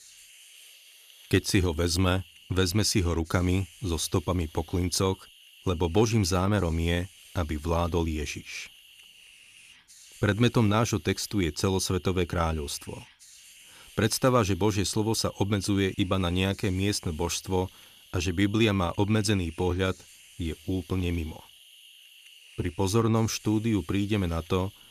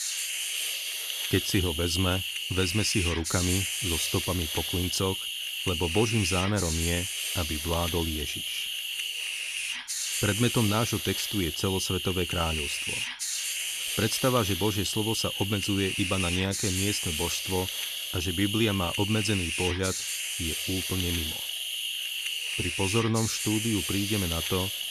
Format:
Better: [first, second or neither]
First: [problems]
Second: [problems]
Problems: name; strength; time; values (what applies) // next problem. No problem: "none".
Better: first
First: hiss; faint; throughout; 20 dB below the speech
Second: hiss; loud; throughout; as loud as the speech